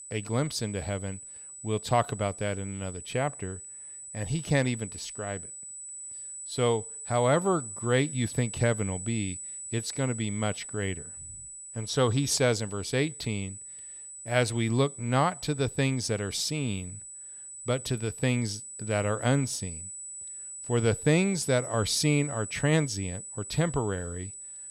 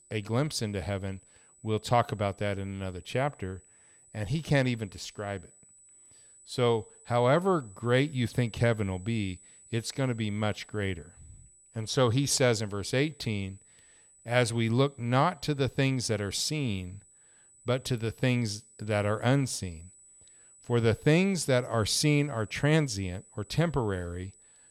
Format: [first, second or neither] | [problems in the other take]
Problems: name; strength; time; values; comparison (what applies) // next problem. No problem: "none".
second | high-pitched whine; loud; throughout; 8 kHz, 10 dB below the speech; faint in the second